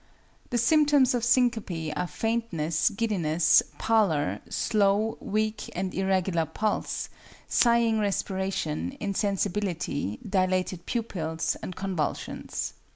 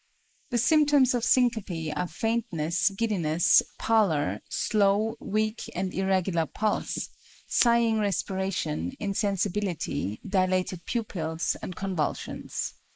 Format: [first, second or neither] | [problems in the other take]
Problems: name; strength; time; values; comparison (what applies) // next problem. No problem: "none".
first | noise reduction (neural mask model Resemble Enhance denoiser)